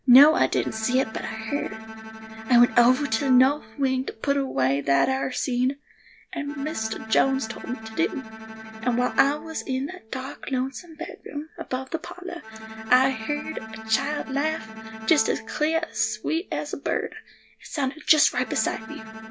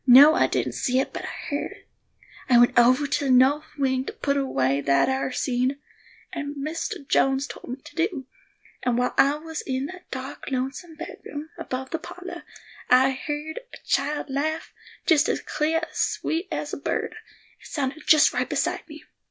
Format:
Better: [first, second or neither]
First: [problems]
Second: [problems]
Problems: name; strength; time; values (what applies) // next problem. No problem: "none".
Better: second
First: background sound (Bowed string instrument); 15 dB below the speech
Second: none